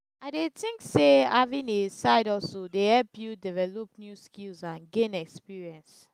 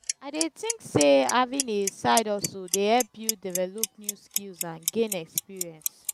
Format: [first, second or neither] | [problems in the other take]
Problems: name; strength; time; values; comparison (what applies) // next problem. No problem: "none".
first | background sound (Clock); 7 dB below the speech